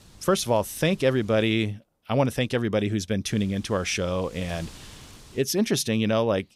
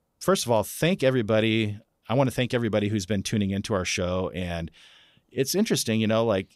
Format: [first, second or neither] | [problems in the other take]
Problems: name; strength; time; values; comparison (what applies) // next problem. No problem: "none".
second | wind noise on the microphone; occasional gusts; until 1.5 s and from 3.5 to 5.5 s; 25 dB below the speech